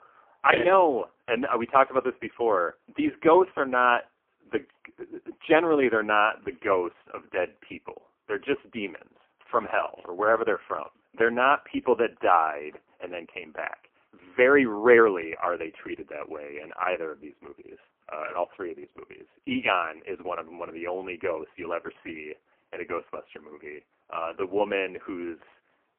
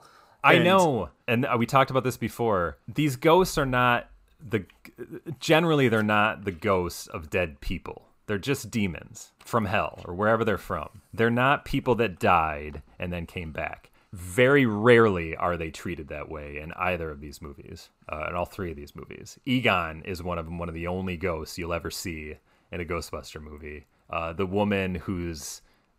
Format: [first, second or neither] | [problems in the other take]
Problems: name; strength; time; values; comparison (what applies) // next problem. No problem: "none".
second | phone-call audio; poor line